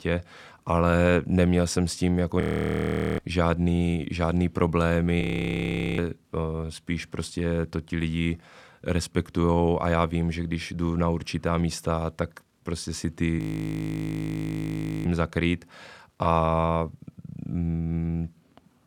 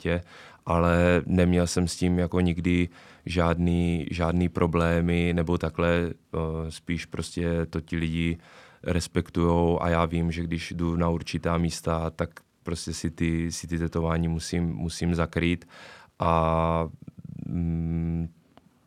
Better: second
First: audio freezing; at 2.5 s for 1 s, at 5 s for 1 s and at 13 s for 1.5 s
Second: none

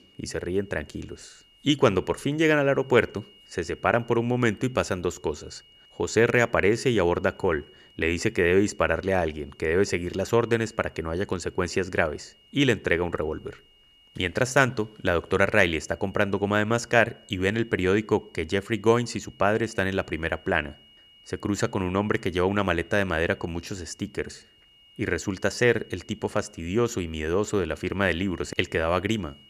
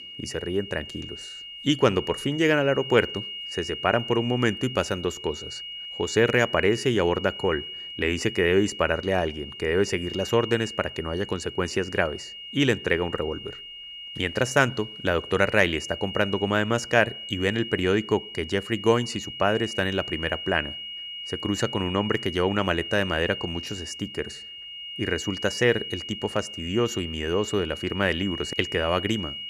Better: first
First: high-pitched whine; faint; throughout; 3 kHz, 30 dB below the speech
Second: high-pitched whine; loud; throughout; 3 kHz, 9 dB below the speech

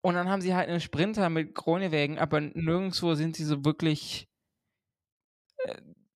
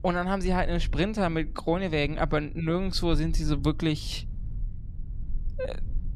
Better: first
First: none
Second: low rumble; faint; throughout; 25 dB below the speech

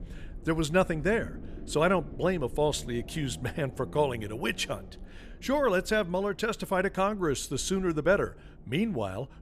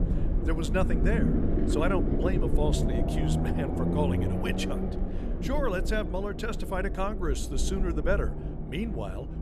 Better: first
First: low rumble; faint; throughout; 25 dB below the speech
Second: low rumble; loud; throughout; 3 dB below the speech

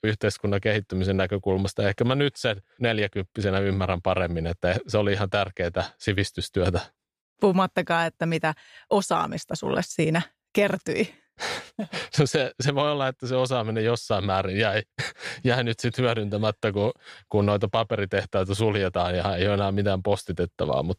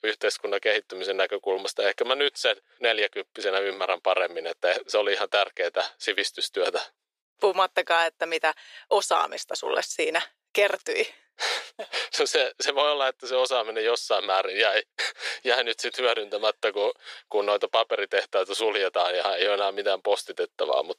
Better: first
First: none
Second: thin; very; fading below 400 Hz

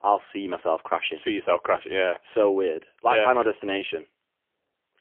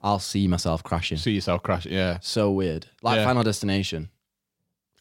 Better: second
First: phone-call audio; poor line; nothing above 3.5 kHz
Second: none

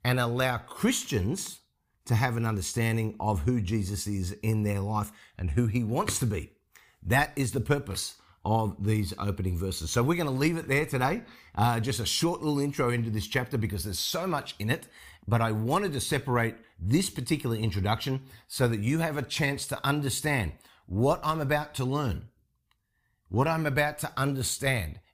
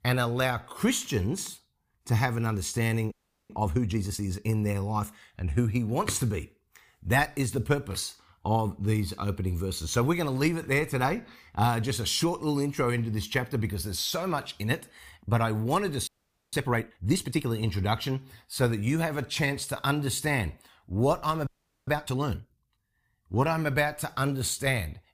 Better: first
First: none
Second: audio freezing; at 3 s, at 16 s and at 21 s

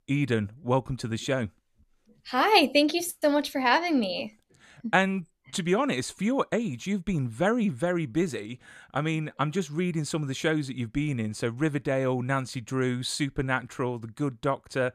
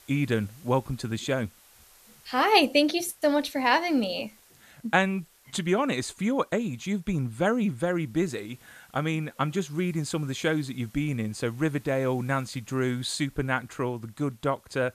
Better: first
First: none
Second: hiss; faint; throughout; 30 dB below the speech

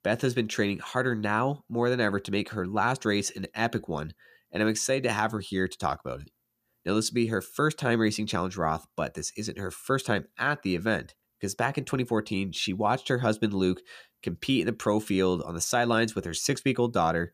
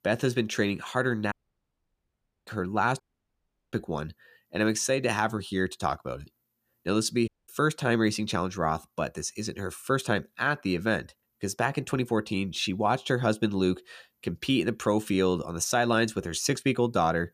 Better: first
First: none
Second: audio cutting out; at 1.5 s for 1 s, at 3 s for 0.5 s and at 7.5 s

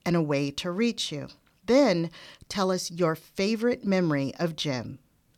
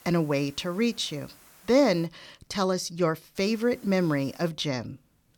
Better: first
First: none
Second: hiss; faint; until 2 s and from 3.5 to 4.5 s; 25 dB below the speech

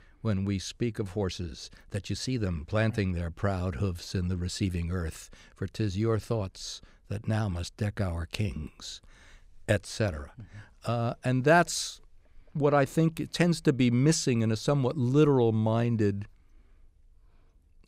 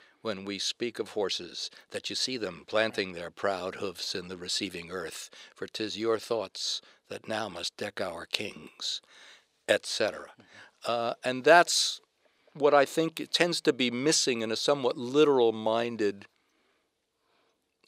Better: first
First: none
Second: thin; somewhat; fading below 450 Hz

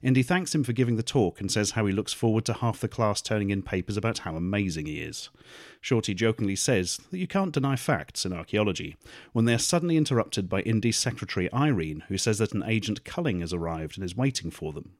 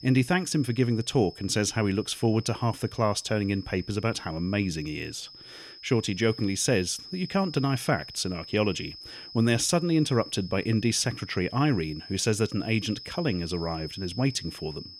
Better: first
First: none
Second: high-pitched whine; noticeable; throughout; 5 kHz, 15 dB below the speech

